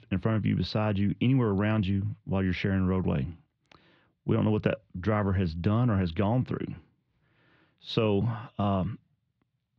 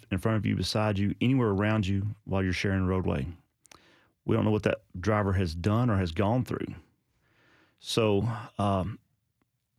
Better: second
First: muffled; very slightly; fading above 4 kHz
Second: none

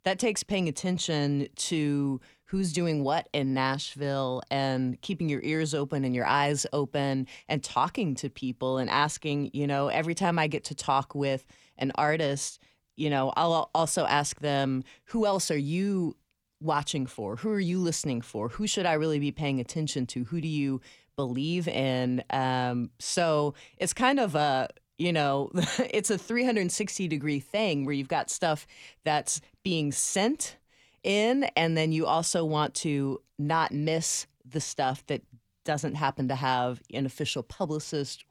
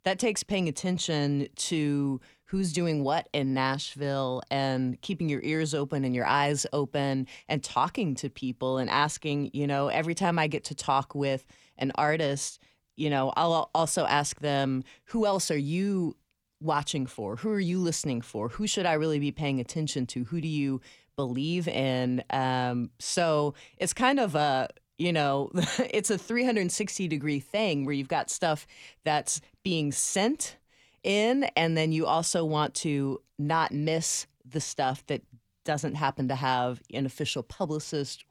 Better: neither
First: none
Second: none

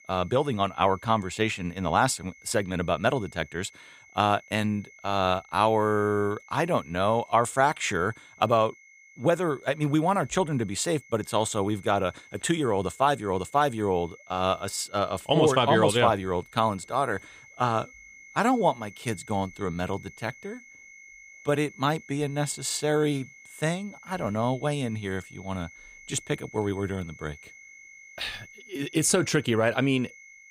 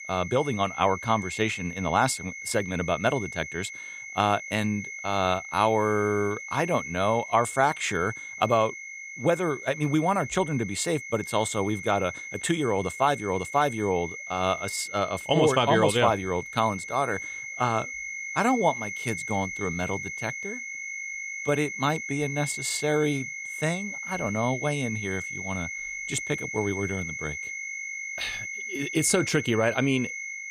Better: first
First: high-pitched whine; faint; throughout; 2 kHz, 20 dB below the speech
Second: high-pitched whine; loud; throughout; 2 kHz, 8 dB below the speech

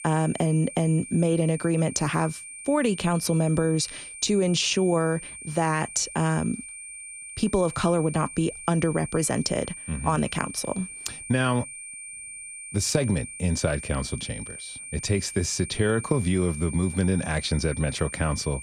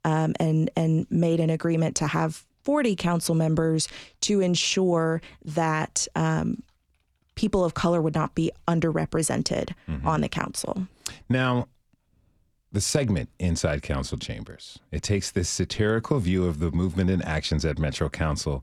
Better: second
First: high-pitched whine; noticeable; throughout; 9 kHz, 10 dB below the speech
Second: none

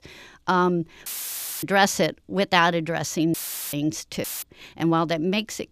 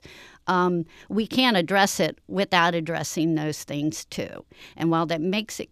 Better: second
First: audio cutting out; filled with static; at 1 s for 0.5 s, at 3.5 s and at 4 s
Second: none

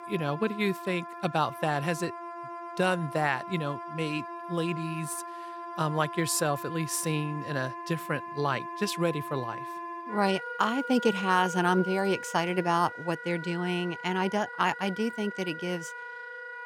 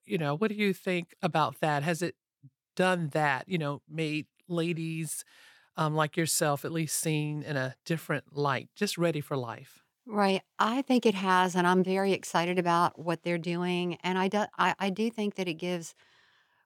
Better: second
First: background music; loud; throughout; 9 dB below the speech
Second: none

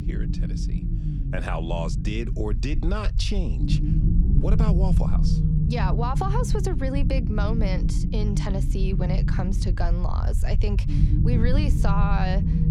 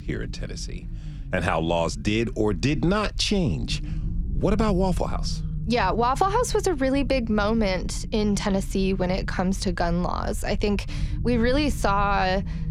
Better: second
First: low rumble; loud; throughout; 5 dB below the speech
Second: low rumble; faint; throughout; 20 dB below the speech

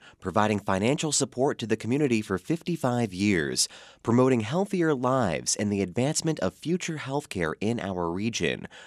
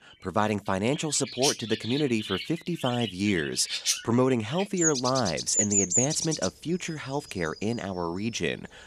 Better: first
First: none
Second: animal sounds; loud; throughout; 1 dB below the speech

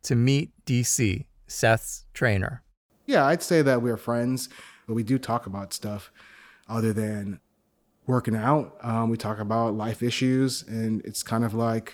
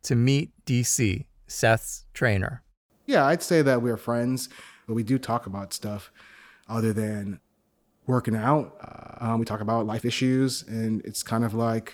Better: first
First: none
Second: audio freezing; at 9 s

